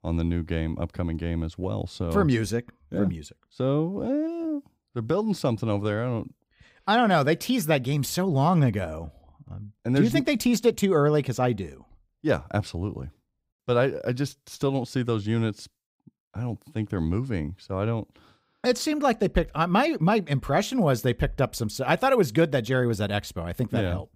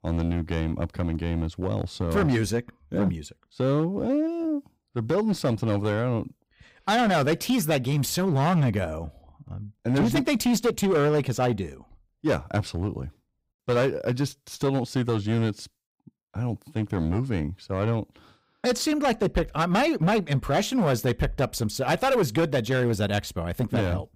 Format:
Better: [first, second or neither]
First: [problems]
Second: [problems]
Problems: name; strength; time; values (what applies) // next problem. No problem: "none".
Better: first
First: none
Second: distortion; slight; 9% of the sound clipped